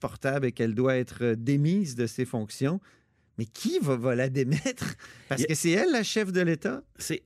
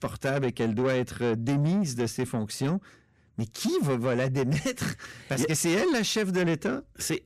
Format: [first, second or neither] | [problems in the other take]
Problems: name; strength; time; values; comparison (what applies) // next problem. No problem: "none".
first | distortion; slight; 10 dB below the speech